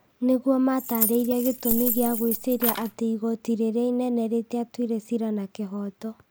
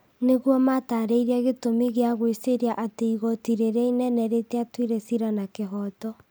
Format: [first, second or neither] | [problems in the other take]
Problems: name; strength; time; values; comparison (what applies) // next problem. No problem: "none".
second | background sound (Keys jangling); 4 dB below the speech